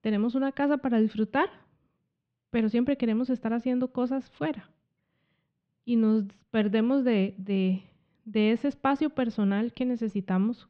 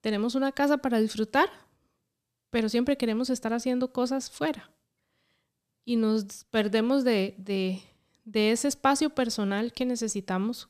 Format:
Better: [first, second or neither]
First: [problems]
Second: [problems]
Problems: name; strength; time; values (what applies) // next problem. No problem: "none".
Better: second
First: muffled; very; fading above 3 kHz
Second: none